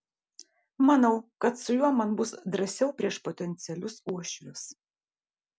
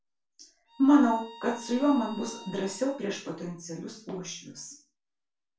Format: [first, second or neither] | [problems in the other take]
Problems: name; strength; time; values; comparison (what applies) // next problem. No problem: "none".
first | background sound (Bowed string instrument); 19 dB below the speech // room echo; dies away in 0.3 s